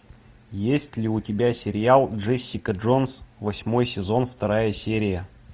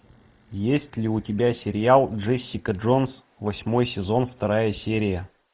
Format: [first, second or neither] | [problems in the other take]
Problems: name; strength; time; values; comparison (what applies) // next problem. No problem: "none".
first | noise reduction (neural mask model Resemble Enhance denoiser)